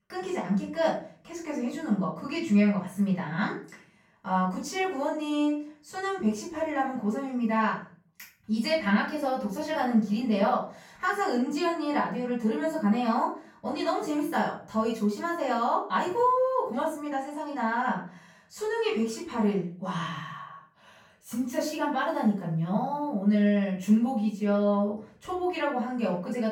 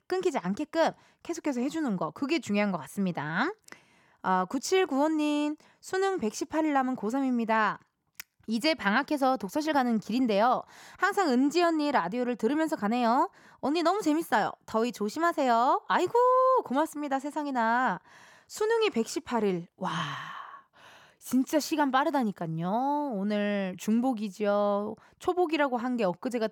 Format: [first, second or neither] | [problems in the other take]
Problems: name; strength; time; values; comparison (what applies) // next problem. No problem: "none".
second | off-mic speech; far // room echo; noticeable; dies away in 0.4 s